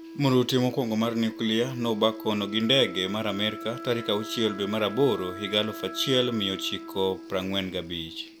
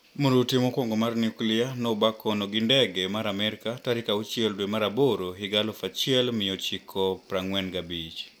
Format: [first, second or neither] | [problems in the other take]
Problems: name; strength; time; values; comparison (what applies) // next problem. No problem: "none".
second | background sound (Wind instrument, woodwind instrument); 13 dB below the speech